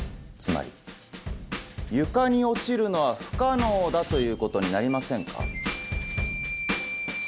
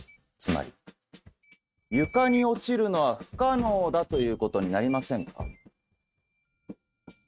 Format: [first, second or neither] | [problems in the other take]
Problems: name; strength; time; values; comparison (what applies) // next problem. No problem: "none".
first | noise reduction (neural mask model RNNoise)